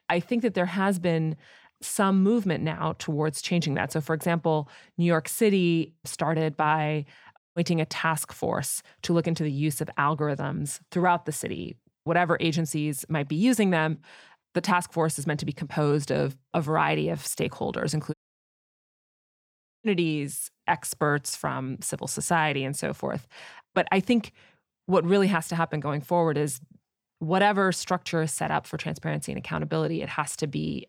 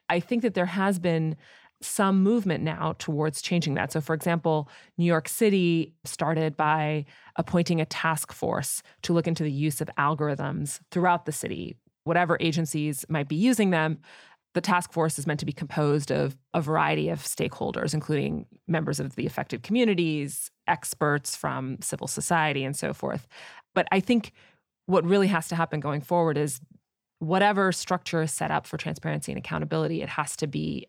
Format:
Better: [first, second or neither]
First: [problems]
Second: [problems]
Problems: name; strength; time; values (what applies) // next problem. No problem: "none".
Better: second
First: audio cutting out; at 7.5 s and at 18 s for 1.5 s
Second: none